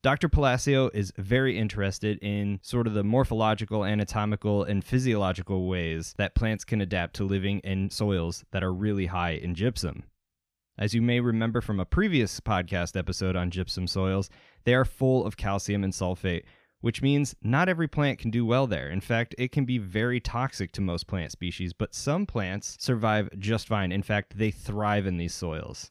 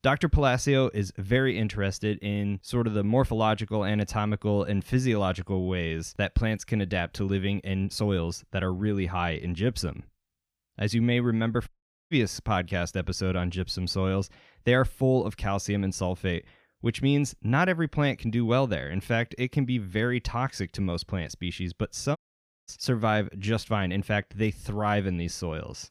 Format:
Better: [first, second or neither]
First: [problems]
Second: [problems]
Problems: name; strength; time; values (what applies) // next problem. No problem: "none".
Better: first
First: none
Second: audio cutting out; at 12 s and at 22 s for 0.5 s